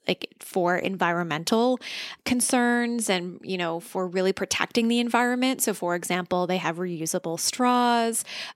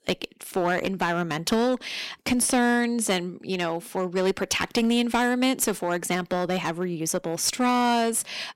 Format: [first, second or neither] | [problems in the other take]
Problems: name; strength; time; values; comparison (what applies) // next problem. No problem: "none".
first | distortion; slight; 5% of the sound clipped